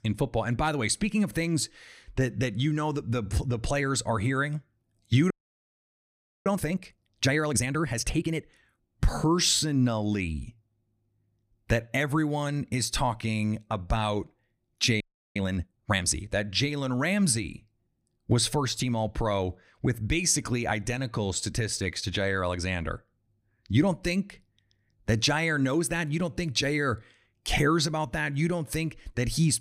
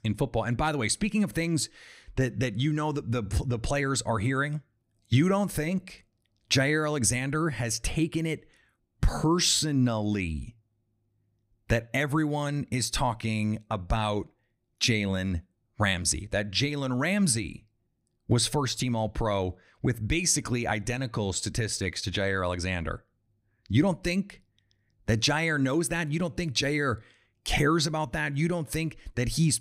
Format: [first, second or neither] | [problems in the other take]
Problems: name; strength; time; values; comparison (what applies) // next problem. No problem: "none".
second | audio freezing; at 5.5 s for 1 s and at 15 s